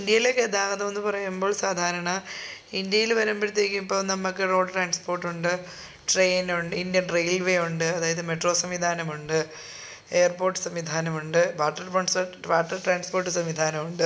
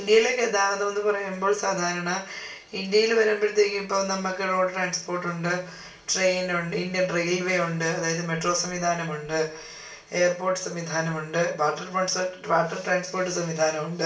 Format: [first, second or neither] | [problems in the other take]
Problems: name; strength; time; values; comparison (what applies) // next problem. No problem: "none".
first | room echo; dies away in 0.3 s